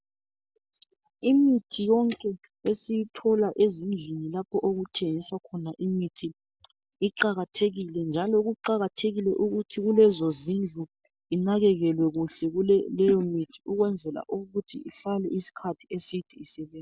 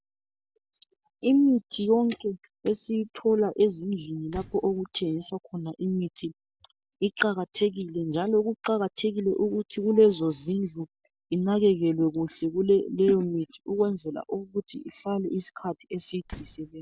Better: first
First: none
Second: background sound (Slam); 16 dB below the speech

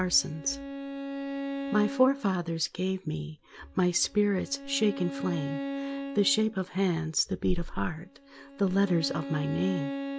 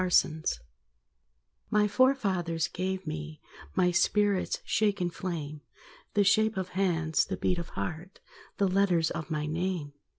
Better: second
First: background sound (Bowed string instrument); 9 dB below the speech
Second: none

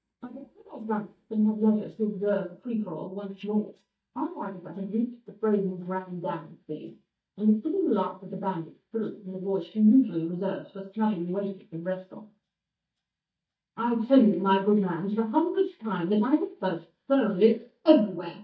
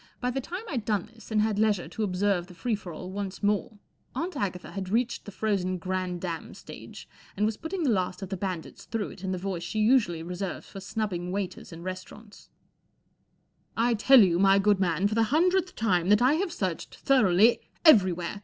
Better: second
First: noise reduction (neural mask model DeepFilterNet 3)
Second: none

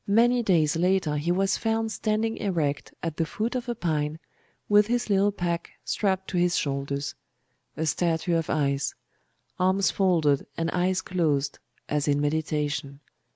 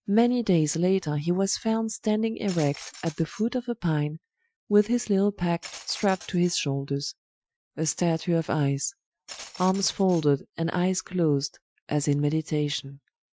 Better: first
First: none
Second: noise reduction (classical method Wiener filter)

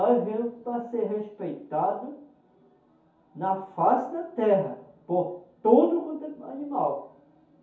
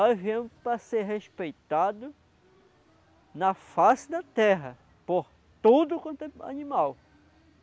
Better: second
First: room echo; dies away in 0.6 s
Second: none

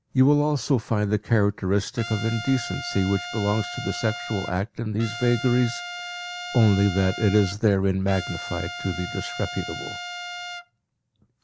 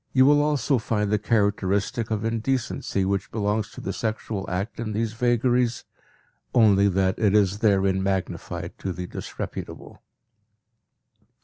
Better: second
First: background sound (Trumpet); 10 dB below the speech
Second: none

